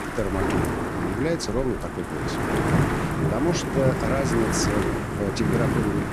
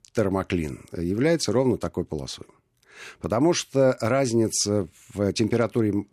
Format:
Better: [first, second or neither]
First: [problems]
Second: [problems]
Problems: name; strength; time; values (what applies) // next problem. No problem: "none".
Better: second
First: wind noise on the microphone; heavy; 2 dB above the speech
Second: none